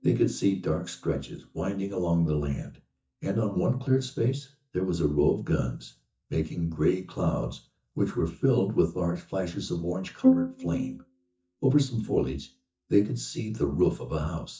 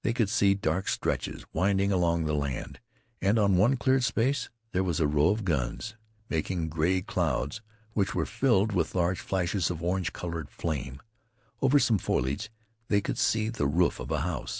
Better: second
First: noise reduction (neural mask model DeepFilterNet 3)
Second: none

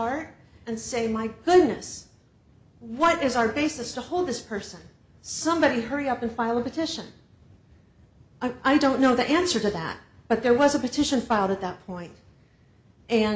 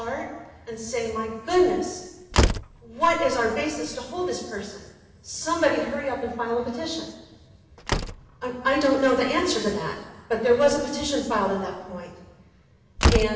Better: first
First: none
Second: background sound (Slam); 6 dB below the speech // room echo; dies away in 1.1 s

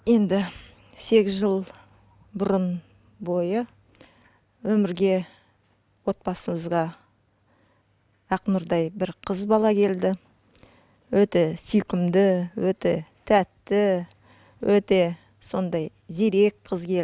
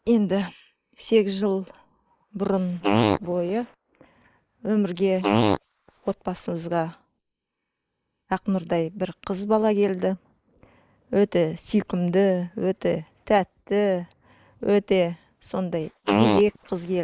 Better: first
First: none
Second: noise reduction (neural mask model Resemble Enhance denoiser)

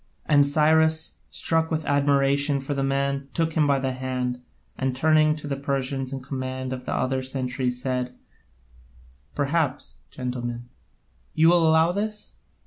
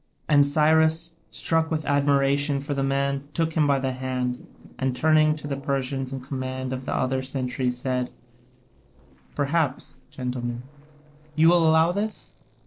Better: first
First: none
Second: noise reduction (neural separator model SepFormer DNS4)

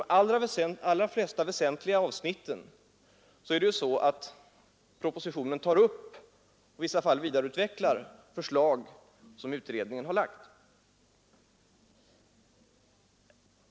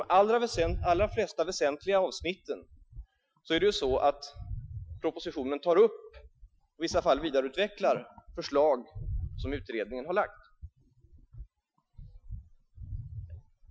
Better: first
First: none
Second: noise reduction (classical method Wiener filter)

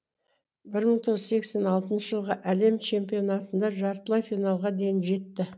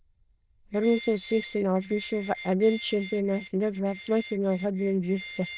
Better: first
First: none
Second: noise reduction (neural diffusion model UNIVERSE++)

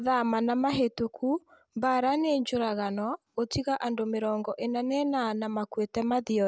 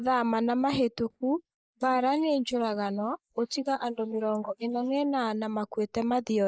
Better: first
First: none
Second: noise reduction (neural mask model Resemble Enhance denoiser)

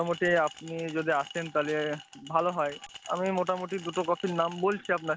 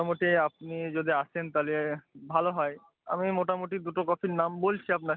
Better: second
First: background sound (Glass); 18 dB below the speech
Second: none

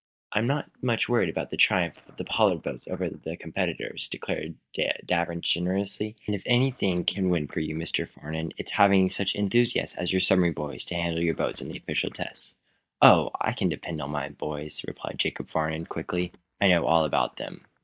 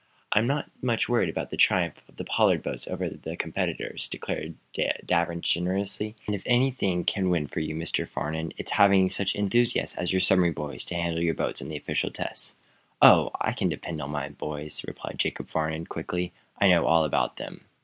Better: second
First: noise reduction (neural mask model DeepFilterNet 3)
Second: none

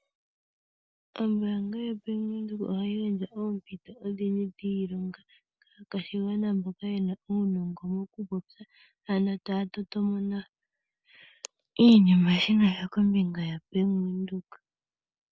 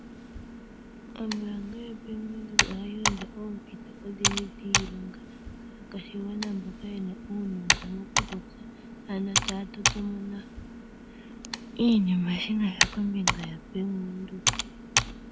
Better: first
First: none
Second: background sound (Computer keyboard); 1 dB above the speech

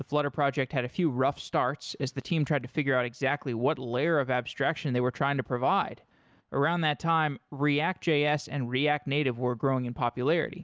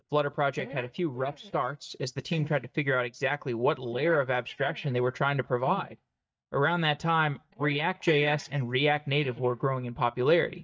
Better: first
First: none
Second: noise reduction (neural mask model DeepFilterNet 3)

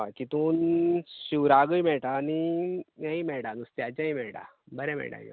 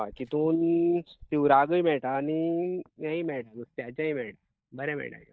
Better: first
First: none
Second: noise reduction (neural mask model DeepFilterNet 3)

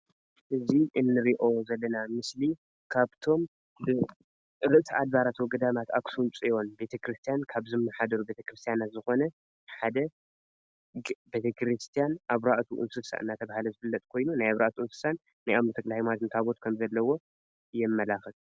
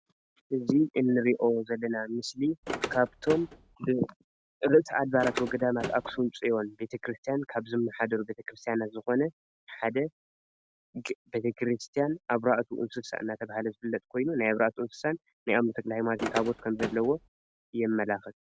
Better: first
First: none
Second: background sound (Car); 7 dB below the speech

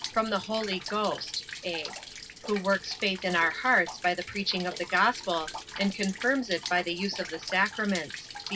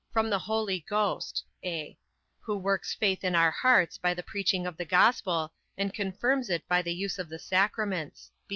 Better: second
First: background sound (Rain); 12 dB below the speech // room echo; dies away in 0.4 s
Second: none

